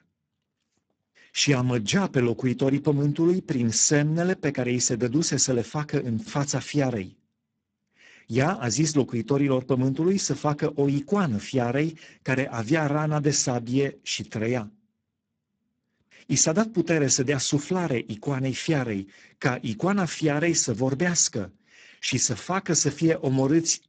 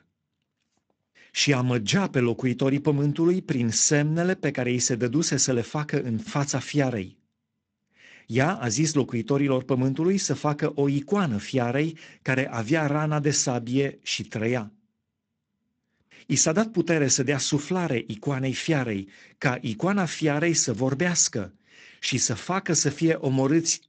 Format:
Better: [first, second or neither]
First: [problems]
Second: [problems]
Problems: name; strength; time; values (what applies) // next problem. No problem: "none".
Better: second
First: garbled, watery; badly; nothing above 7.5 kHz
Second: garbled, watery; slightly; nothing above 7.5 kHz